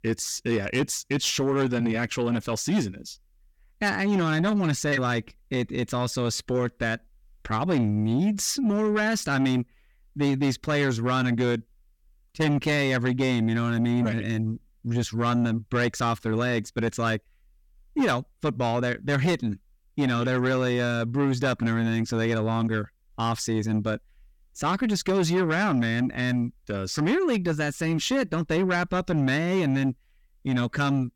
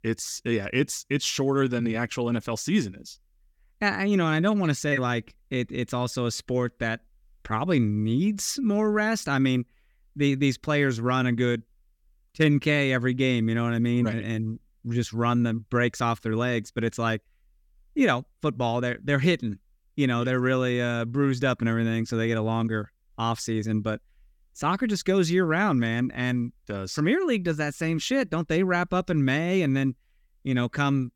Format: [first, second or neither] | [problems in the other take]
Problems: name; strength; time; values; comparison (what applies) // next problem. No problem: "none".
second | distortion; slight; 10 dB below the speech